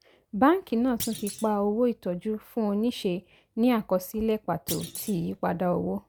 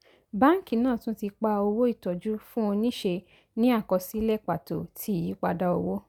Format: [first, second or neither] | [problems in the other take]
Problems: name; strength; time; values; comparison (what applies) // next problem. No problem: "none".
second | background sound (Thump, thud); 13 dB below the speech